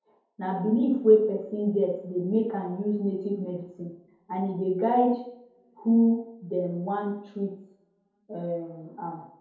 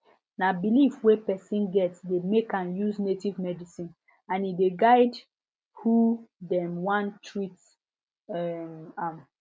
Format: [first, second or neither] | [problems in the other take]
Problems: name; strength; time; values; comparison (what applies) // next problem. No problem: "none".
second | room echo; dies away in 0.8 s